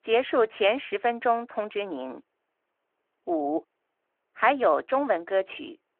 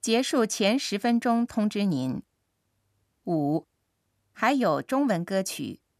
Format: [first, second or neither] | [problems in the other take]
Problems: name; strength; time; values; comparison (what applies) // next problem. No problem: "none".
second | phone-call audio; nothing above 3 kHz